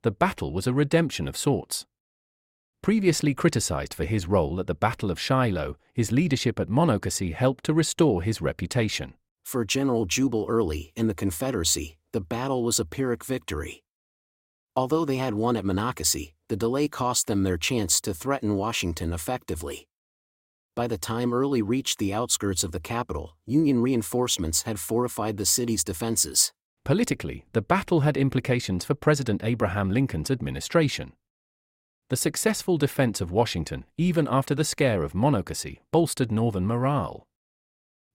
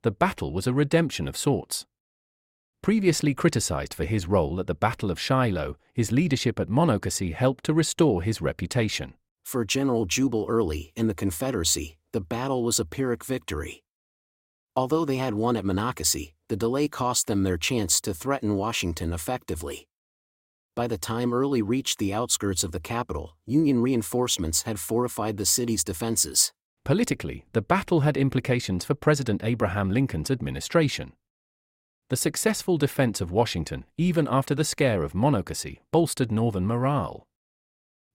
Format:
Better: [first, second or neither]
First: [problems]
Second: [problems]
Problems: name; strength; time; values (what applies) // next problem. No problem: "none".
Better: neither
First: none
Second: none